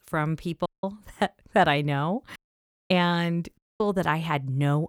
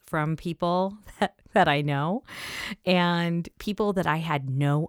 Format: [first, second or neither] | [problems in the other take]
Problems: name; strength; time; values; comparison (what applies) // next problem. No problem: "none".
second | audio cutting out; at 0.5 s, at 2.5 s for 0.5 s and at 3.5 s